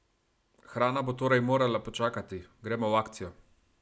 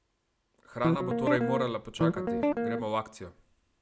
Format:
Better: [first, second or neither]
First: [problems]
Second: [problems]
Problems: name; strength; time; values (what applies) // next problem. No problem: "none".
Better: first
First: none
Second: background sound (Guitar); 5 dB above the speech